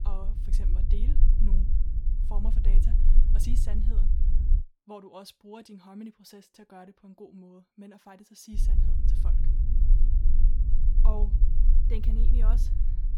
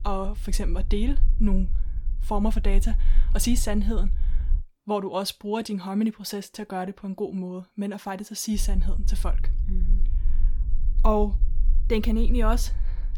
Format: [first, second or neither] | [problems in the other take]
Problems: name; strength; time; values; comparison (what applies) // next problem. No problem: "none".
second | low rumble; loud; until 4.5 s and from 8.5 s on; 3 dB below the speech; faint in the second